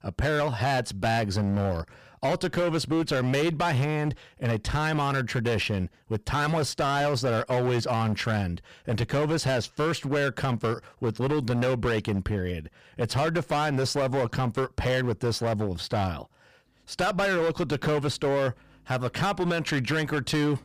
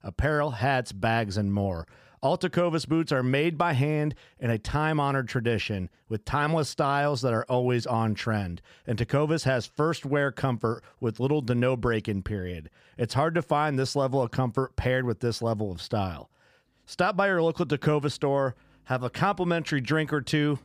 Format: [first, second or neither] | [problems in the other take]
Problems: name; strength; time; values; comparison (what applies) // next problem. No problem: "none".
second | distortion; heavy; 19% of the sound clipped